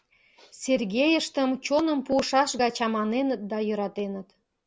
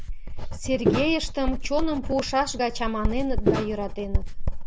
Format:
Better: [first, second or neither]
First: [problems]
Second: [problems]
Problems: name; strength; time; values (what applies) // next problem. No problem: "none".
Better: first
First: none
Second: background sound (Walk, footsteps + Writing); 2 dB above the speech